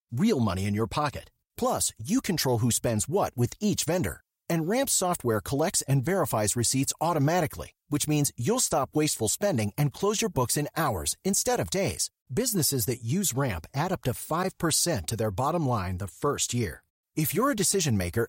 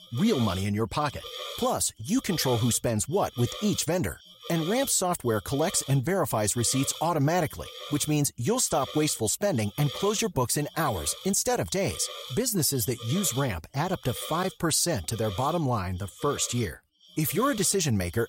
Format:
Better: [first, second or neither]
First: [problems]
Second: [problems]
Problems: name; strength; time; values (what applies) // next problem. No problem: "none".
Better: first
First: none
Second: hiss; noticeable; throughout; 15 dB below the speech